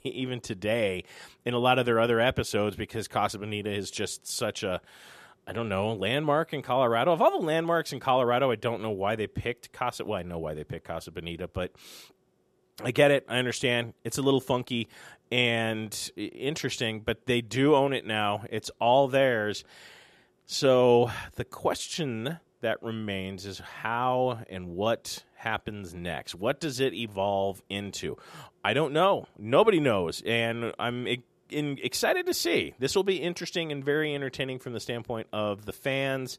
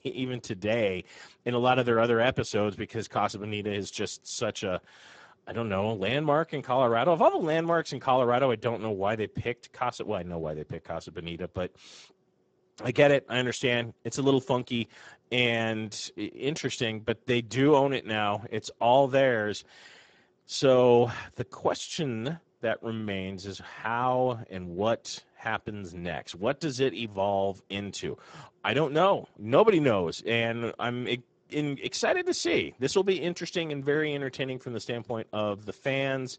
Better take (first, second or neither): first